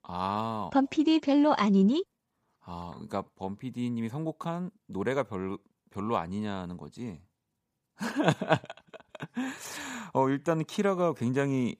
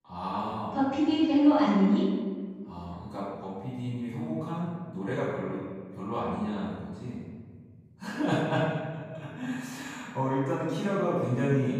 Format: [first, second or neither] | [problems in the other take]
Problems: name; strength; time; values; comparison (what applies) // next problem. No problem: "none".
first | off-mic speech; far // room echo; strong; dies away in 1.8 s